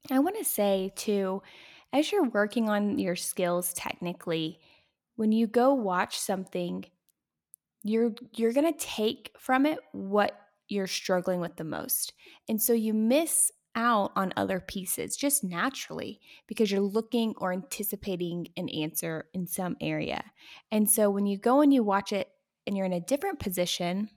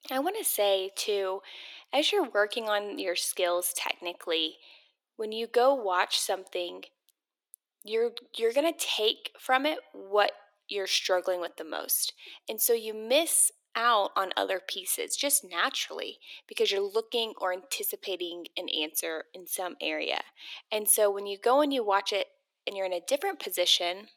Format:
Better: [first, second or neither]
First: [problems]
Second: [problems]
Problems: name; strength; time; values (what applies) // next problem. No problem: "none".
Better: first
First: none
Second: thin; very; fading below 350 Hz